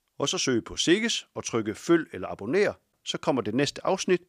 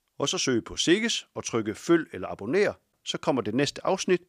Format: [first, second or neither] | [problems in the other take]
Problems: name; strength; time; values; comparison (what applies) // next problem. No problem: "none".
neither | none